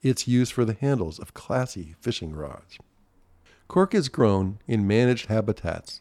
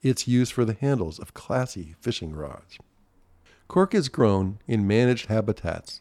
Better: neither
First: none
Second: none

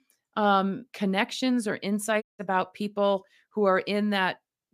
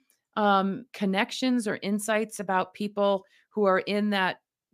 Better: second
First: audio cutting out; at 2 s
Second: none

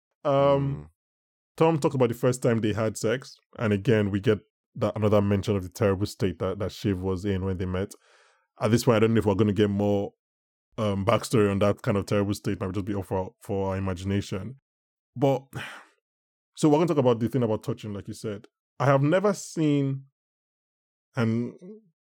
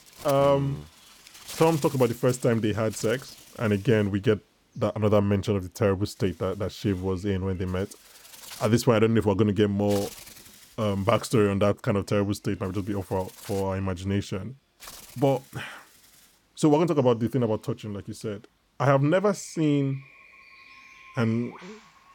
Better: first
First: none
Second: animal sounds; noticeable; throughout; 20 dB below the speech

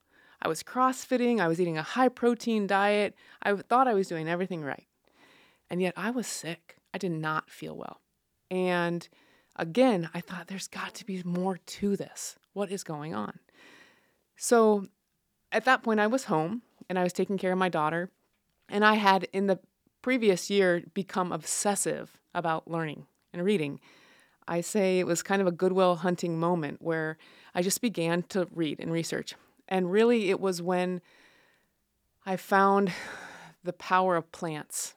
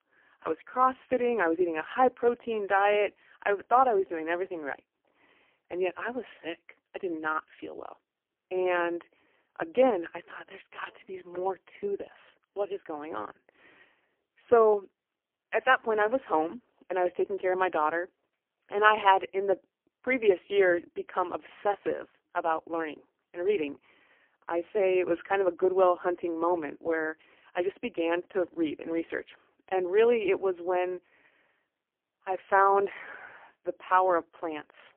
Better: first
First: none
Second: phone-call audio; poor line; nothing above 3 kHz

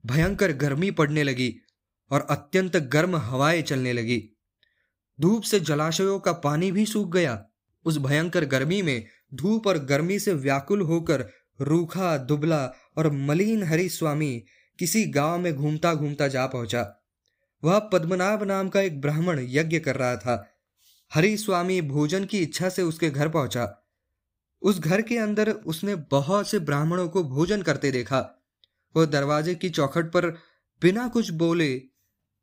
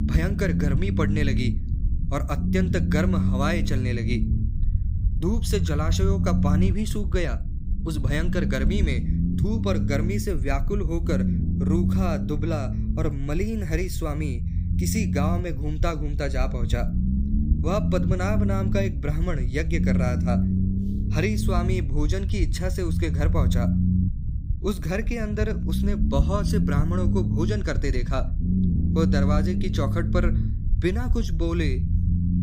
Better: first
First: none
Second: low rumble; loud; throughout; 6 dB below the speech

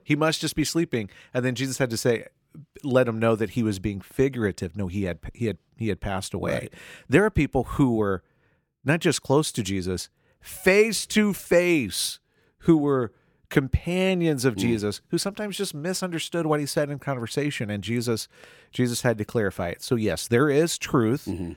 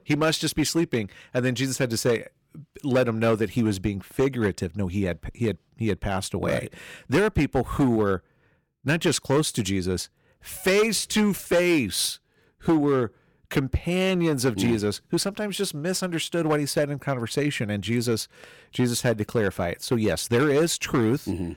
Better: first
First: none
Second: distortion; slight; 6% of the sound clipped

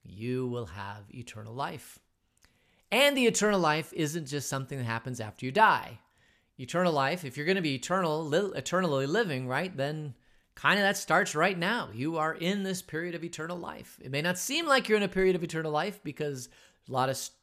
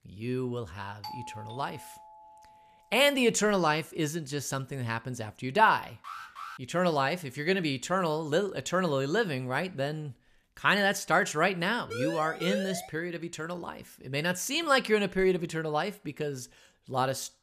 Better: first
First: none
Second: doorbell; faint; from 1 to 2.5 s; peak 10 dB below the speech // alarm; faint; at 6 s; peak 10 dB below the speech // siren; noticeable; at 12 s; peak 6 dB below the speech

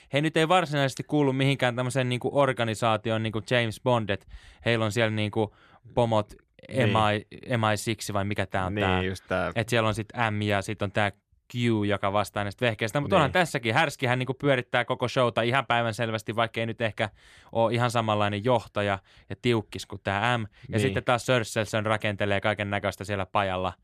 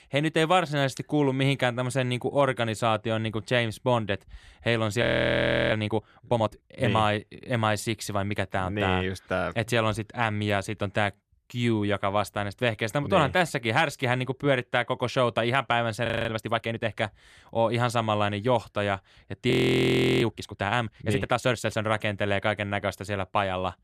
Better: first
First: none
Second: audio freezing; at 5 s for 0.5 s, at 16 s and at 20 s for 0.5 s

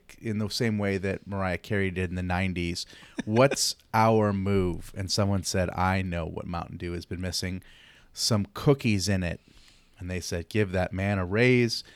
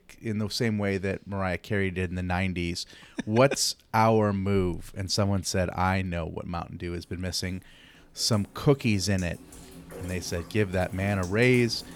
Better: first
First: none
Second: rain or running water; noticeable; throughout; 20 dB below the speech

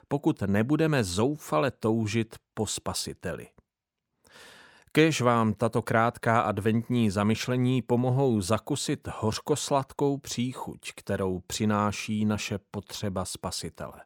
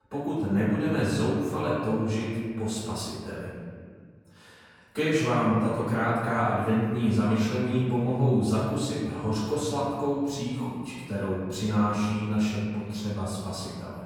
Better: first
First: none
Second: off-mic speech; far // room echo; strong; dies away in 2 s

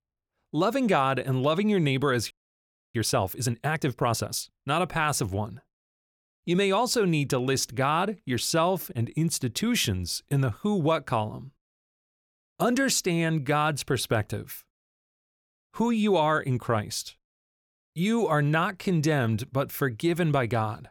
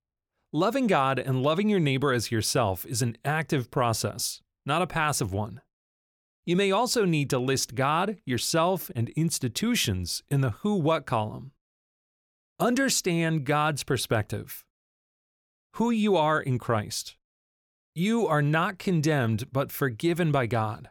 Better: second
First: audio freezing; at 2.5 s for 0.5 s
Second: none

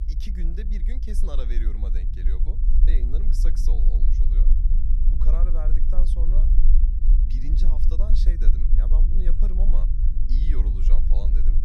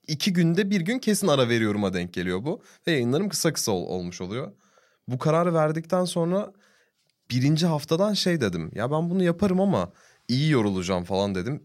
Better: second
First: low rumble; loud; throughout; 3 dB below the speech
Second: none

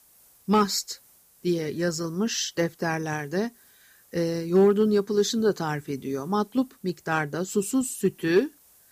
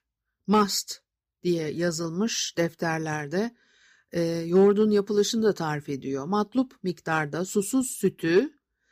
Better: second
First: hiss; faint; throughout; 30 dB below the speech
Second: none

